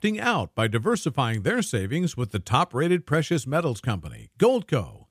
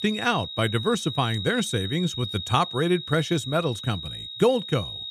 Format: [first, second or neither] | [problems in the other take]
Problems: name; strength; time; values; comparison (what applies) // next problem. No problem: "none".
first | high-pitched whine; loud; throughout; 4 kHz, 8 dB below the speech